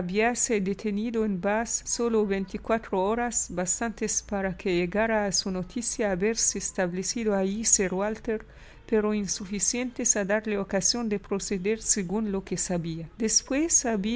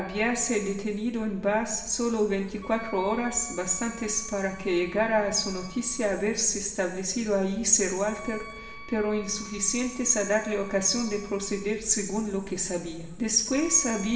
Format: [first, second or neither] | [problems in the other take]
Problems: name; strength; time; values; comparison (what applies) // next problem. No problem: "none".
first | background sound (Wind instrument, woodwind instrument); 20 dB below the speech // room echo; dies away in 1.2 s